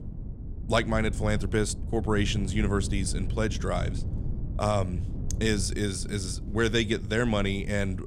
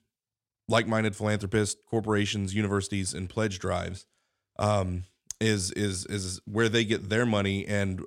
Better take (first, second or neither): second